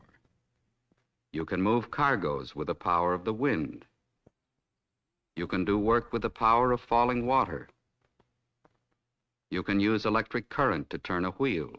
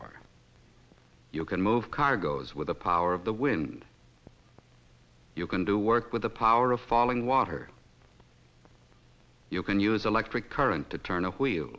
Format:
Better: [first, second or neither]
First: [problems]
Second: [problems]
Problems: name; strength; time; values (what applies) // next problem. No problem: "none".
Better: second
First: noise reduction (neural mask model RNNoise)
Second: none